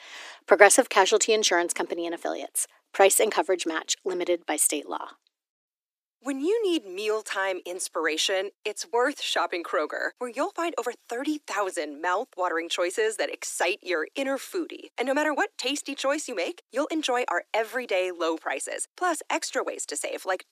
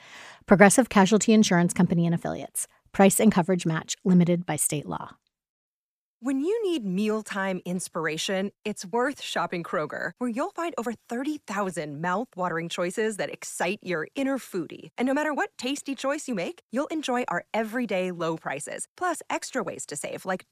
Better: second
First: thin; very; fading below 300 Hz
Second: none

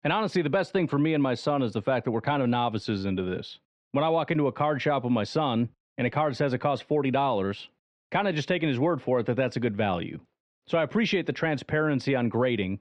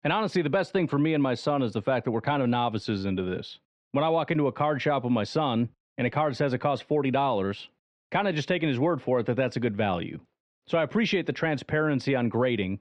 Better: neither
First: muffled; slightly; fading above 3.5 kHz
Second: muffled; slightly; fading above 3.5 kHz

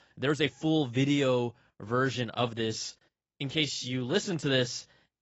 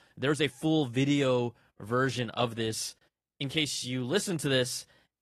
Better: second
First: garbled, watery; badly; nothing above 7.5 kHz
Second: garbled, watery; slightly; nothing above 12 kHz

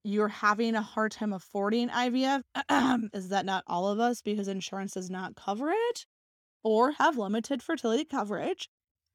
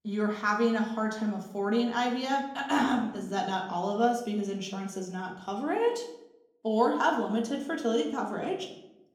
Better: first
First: none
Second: room echo; slight; dies away in 0.6 s // off-mic speech; somewhat distant

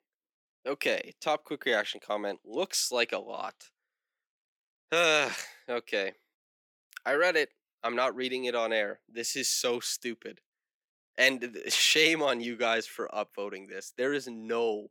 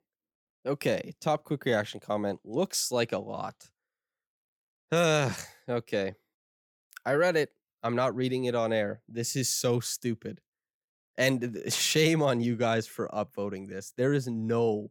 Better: second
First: thin; somewhat; fading below 300 Hz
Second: none

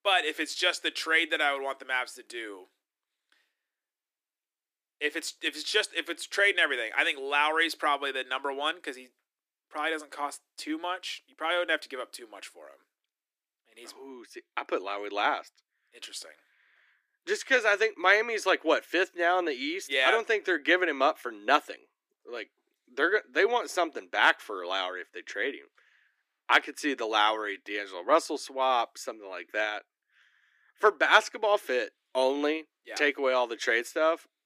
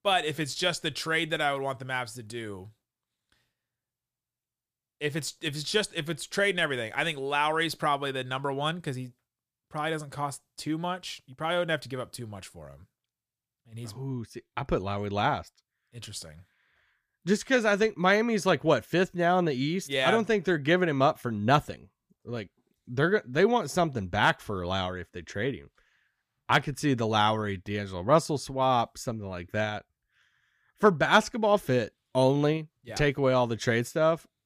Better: second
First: thin; somewhat; fading below 300 Hz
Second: none

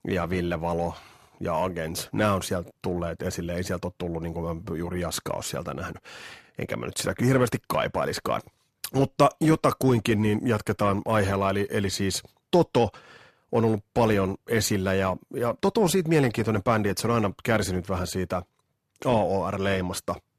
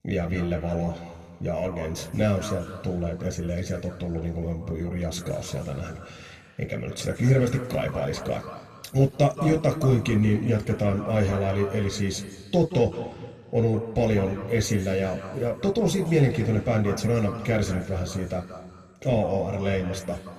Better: first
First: none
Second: room echo; slight; dies away in 1.8 s

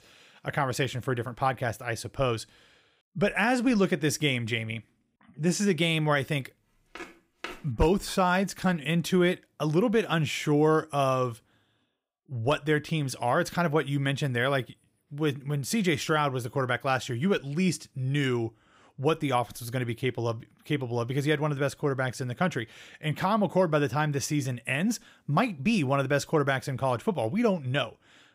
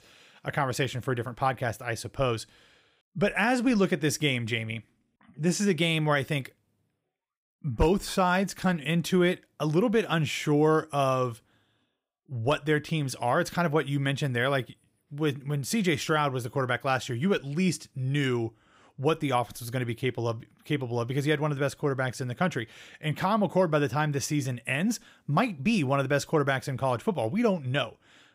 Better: second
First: footsteps; faint; at 7 s; peak 15 dB below the speech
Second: none

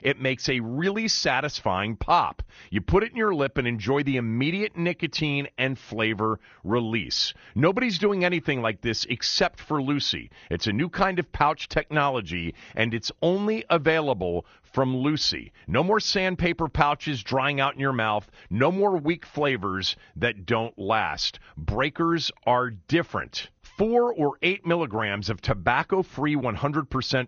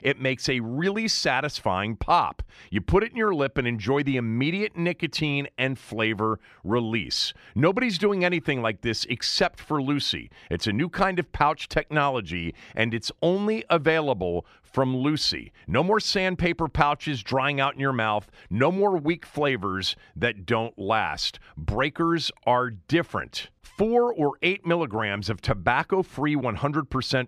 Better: second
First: garbled, watery; slightly; nothing above 6 kHz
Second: none

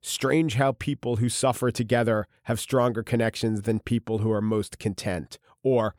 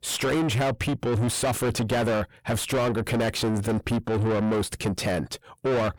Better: first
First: none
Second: distortion; heavy; 5 dB below the speech

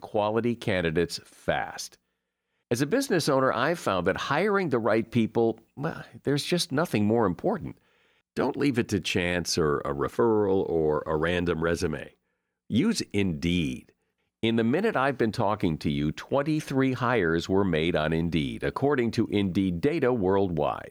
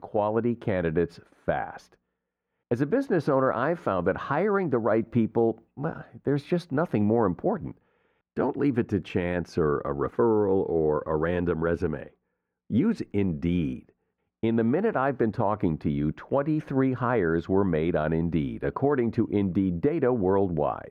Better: first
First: none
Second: muffled; very; fading above 2.5 kHz

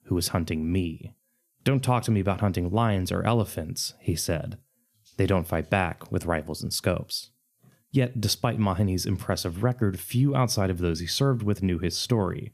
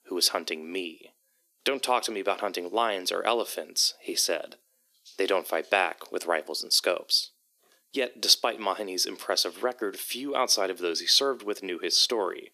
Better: first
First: none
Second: thin; very; fading below 350 Hz

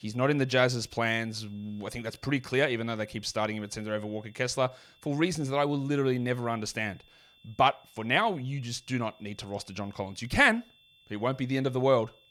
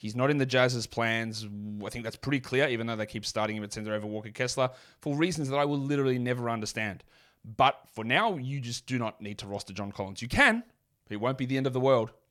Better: second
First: high-pitched whine; faint; throughout; 3.5 kHz, 30 dB below the speech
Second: none

